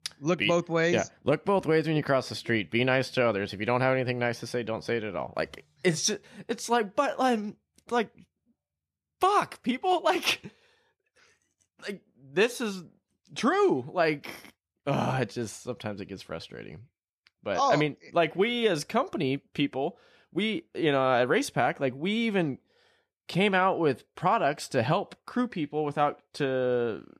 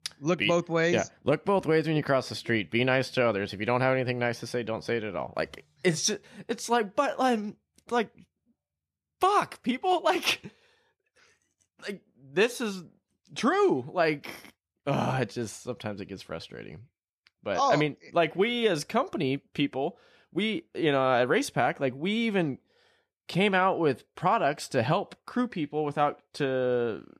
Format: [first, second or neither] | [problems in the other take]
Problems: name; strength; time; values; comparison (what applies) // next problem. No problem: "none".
neither | none